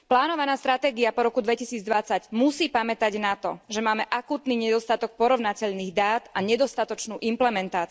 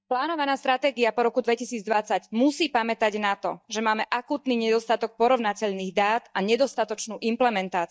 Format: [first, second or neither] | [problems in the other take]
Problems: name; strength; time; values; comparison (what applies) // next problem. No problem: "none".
first | noise reduction (neural mask model DeepFilterNet 3)